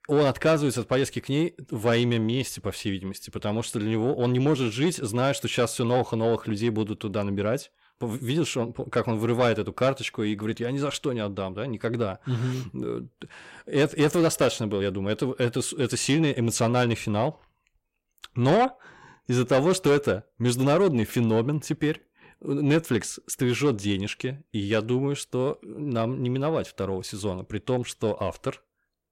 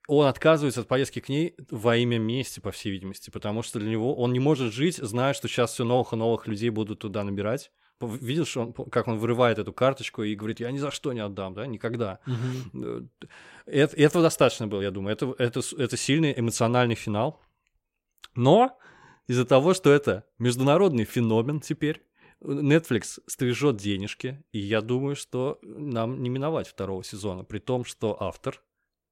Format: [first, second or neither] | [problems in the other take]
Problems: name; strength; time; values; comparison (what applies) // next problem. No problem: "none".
second | distortion; slight; 10 dB below the speech